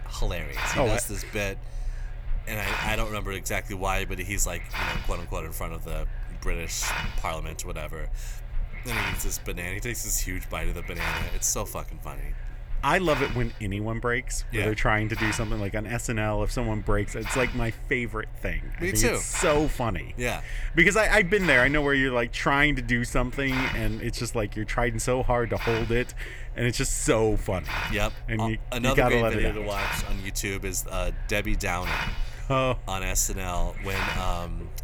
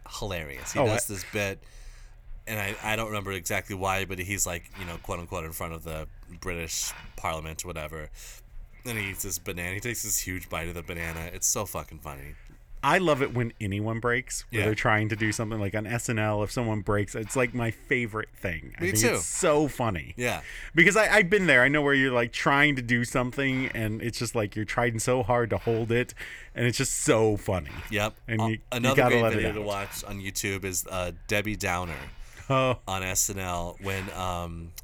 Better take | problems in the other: second | hiss; loud; throughout; 8 dB below the speech; faint in the second

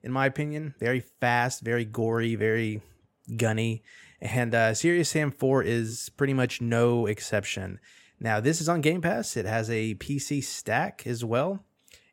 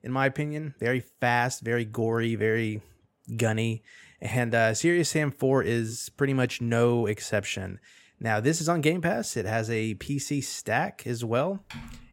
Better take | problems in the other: first | keyboard typing; faint; at 12 s; peak 15 dB below the speech

